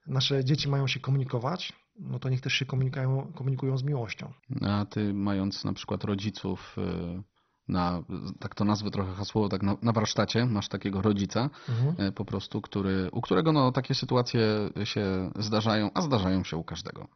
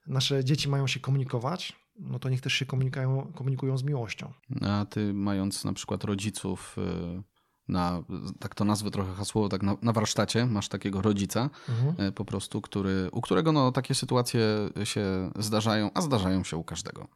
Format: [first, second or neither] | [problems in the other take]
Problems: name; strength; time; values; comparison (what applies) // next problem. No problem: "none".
second | garbled, watery; badly; nothing above 6 kHz